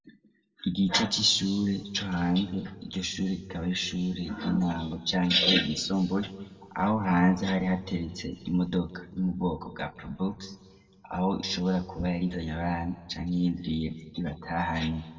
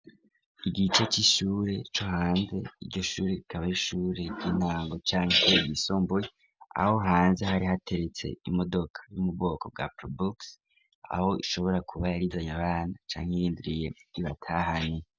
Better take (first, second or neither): second